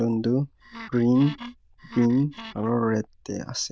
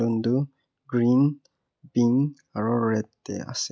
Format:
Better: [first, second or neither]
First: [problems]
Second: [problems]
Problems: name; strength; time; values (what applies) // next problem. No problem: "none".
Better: second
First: noise reduction (neural diffusion model UNIVERSE++)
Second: none